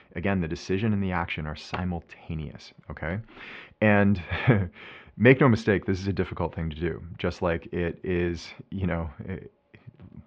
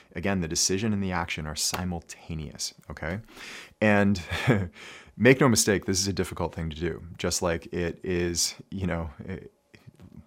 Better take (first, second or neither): second